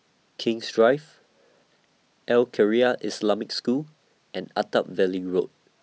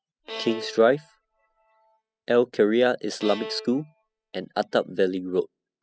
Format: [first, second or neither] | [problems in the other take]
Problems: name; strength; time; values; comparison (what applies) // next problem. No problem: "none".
first | noise reduction (classical method spectral subtraction)